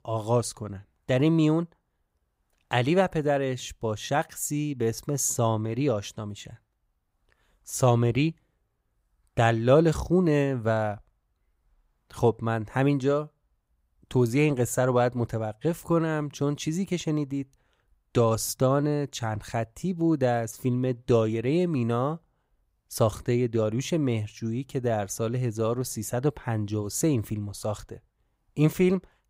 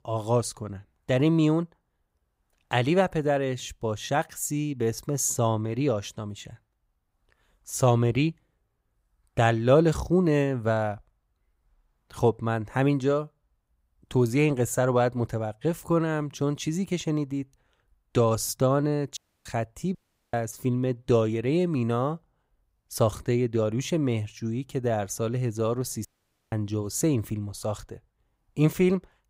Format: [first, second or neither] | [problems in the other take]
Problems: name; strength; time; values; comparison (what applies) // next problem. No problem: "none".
first | audio cutting out; at 19 s, at 20 s and at 26 s